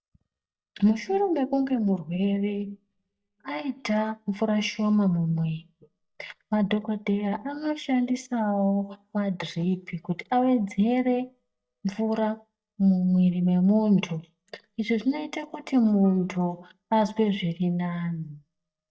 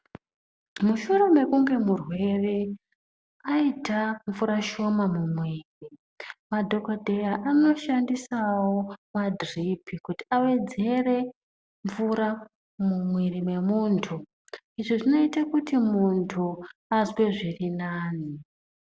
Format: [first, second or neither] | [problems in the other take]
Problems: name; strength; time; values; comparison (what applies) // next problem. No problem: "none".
second | noise reduction (neural mask model DeepFilterNet 3)